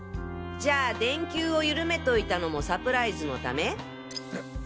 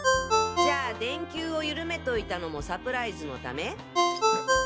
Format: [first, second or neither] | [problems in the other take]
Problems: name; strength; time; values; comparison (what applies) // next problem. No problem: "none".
first | background sound (Ringtone); 3 dB above the speech